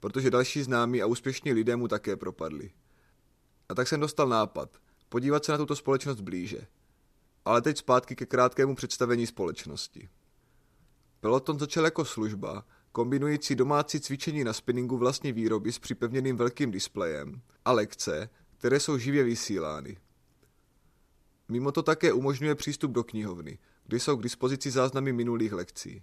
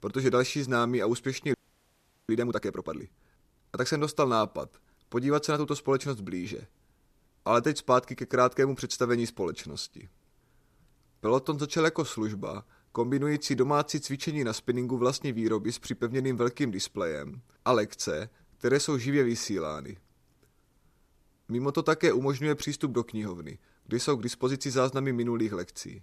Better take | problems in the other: first | audio freezing; at 1.5 s for 1 s

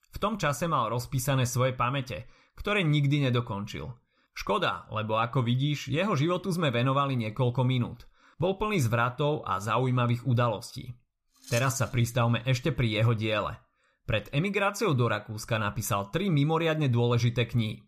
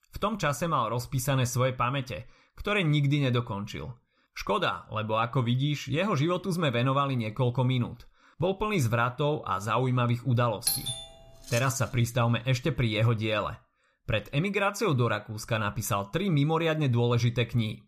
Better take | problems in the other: first | doorbell; loud; at 11 s; peak level with the speech

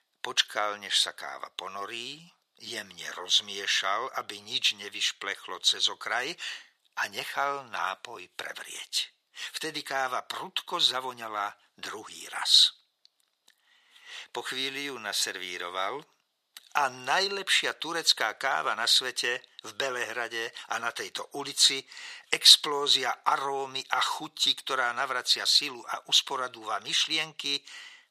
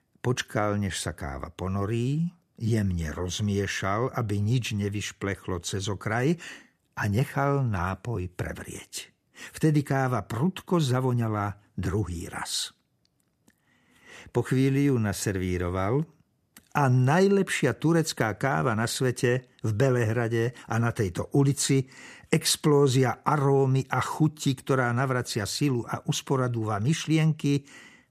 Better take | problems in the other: second | thin; very; fading below 850 Hz

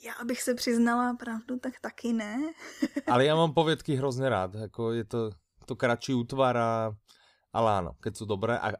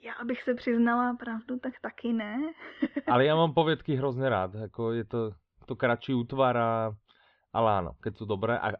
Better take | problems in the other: first | muffled; very; fading above 3.5 kHz

